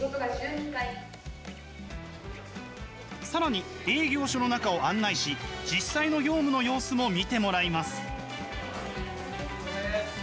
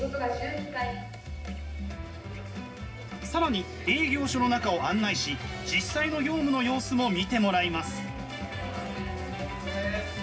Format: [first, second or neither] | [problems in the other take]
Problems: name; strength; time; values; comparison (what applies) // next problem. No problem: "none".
first | room echo; dies away in 0.4 s